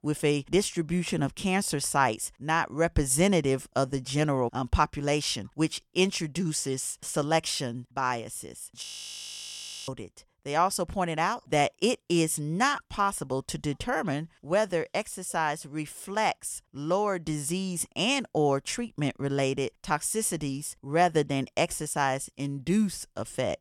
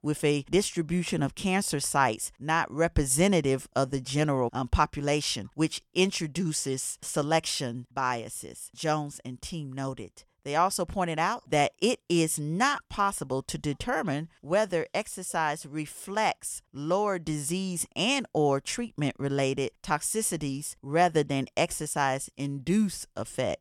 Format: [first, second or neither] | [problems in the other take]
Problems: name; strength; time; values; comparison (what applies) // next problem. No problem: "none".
second | audio freezing; at 9 s for 1 s